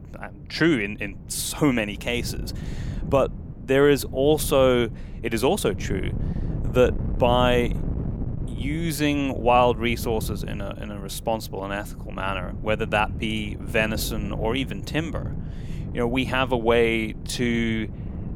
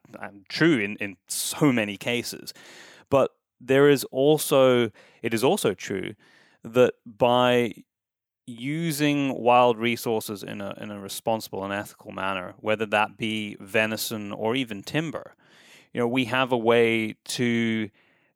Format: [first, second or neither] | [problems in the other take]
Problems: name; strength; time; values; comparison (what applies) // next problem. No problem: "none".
second | wind noise on the microphone; occasional gusts; 20 dB below the speech